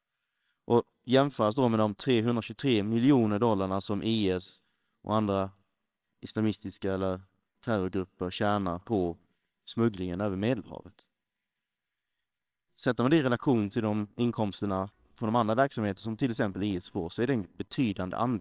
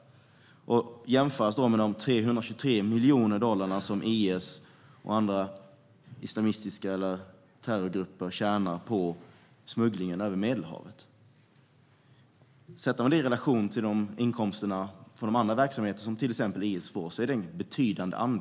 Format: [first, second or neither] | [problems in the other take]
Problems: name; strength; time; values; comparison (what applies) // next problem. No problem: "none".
second | noise reduction (neural separator model SepFormer WHAMR!)